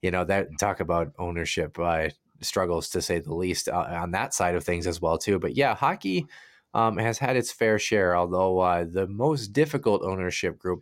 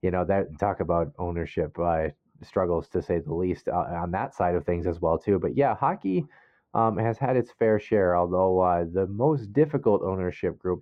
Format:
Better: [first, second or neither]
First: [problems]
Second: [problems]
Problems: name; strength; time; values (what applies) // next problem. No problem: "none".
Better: first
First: none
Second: muffled; very; fading above 3 kHz